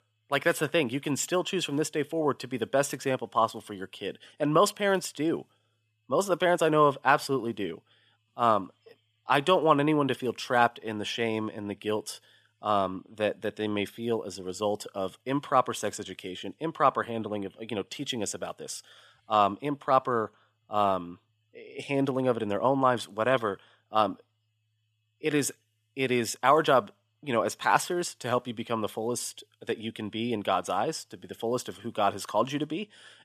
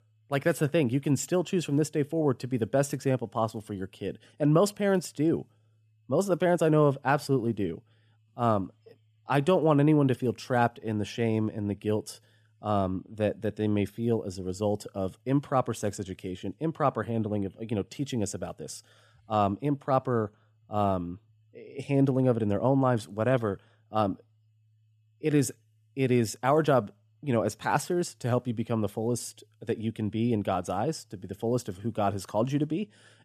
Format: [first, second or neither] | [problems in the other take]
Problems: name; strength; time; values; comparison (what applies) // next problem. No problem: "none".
second | thin; somewhat; fading below 1 kHz